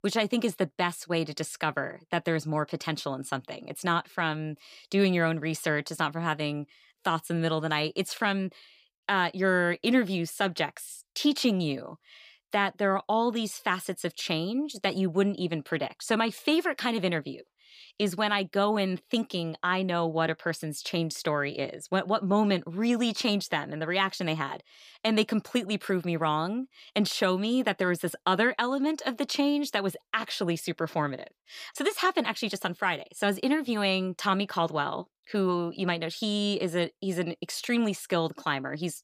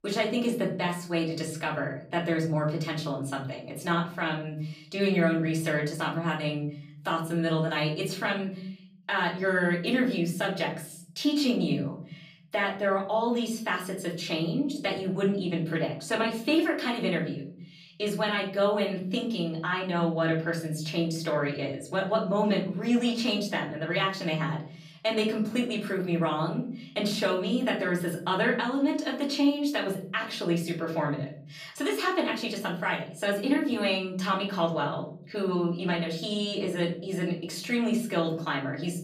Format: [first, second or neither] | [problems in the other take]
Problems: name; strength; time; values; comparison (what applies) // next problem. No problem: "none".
first | off-mic speech; far // room echo; slight; dies away in 0.8 s